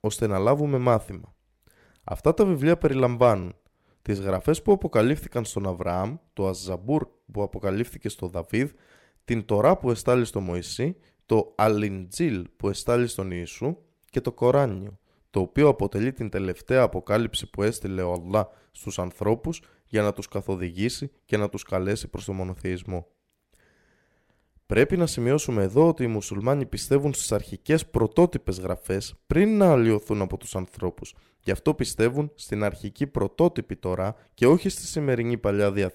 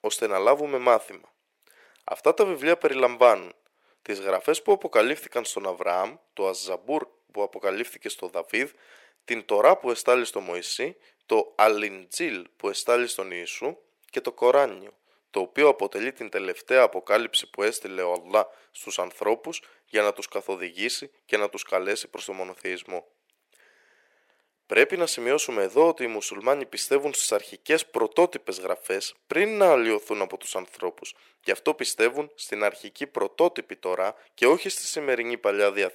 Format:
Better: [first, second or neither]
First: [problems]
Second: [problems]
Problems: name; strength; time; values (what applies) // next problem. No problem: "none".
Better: first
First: none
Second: thin; very; fading below 450 Hz